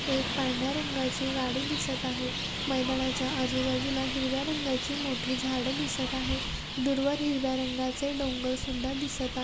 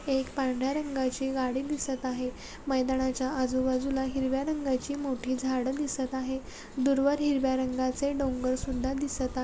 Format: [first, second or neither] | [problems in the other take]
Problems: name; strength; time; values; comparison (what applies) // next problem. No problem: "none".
second | background sound (Traffic noise, roadway noise); 3 dB below the speech